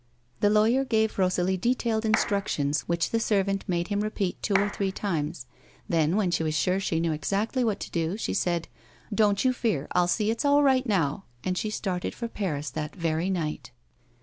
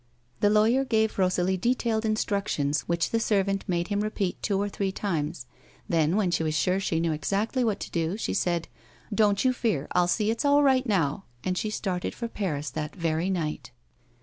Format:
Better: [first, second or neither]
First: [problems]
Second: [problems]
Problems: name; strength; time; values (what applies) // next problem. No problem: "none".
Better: second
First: background sound (Clapping); 10 dB below the speech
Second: none